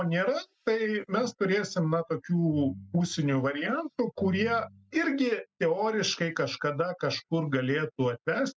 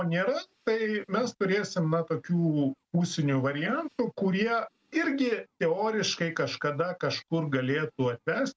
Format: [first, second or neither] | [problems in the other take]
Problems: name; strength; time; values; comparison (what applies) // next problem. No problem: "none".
second | noise reduction (classical method spectral subtraction)